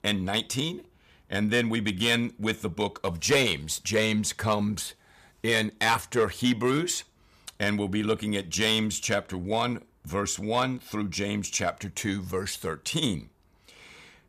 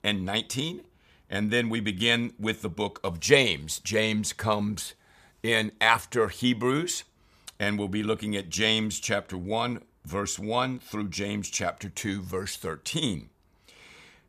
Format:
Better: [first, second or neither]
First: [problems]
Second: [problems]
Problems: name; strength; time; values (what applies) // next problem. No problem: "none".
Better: second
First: distortion; slight; 1.8% of the sound clipped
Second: none